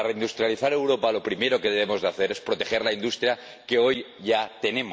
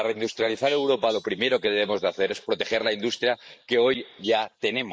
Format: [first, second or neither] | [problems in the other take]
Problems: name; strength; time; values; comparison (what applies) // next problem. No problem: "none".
first | noise reduction (neural mask model Resemble Enhance denoiser)